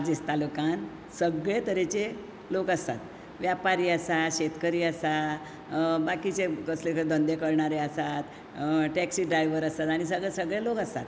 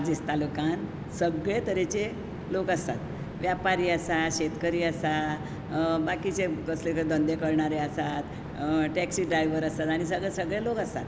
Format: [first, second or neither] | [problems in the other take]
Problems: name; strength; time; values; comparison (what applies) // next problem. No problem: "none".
first | background sound (Train); 10 dB below the speech